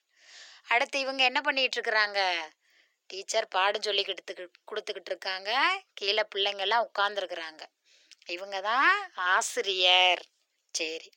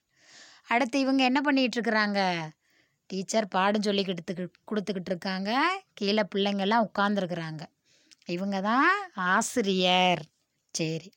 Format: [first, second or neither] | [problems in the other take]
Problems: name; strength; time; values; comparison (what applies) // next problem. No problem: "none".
second | thin; very; fading below 400 Hz